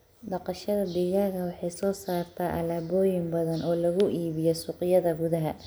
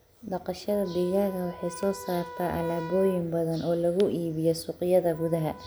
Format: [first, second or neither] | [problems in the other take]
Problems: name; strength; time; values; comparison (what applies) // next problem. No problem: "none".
first | background sound (Wind instrument, woodwind instrument); 17 dB below the speech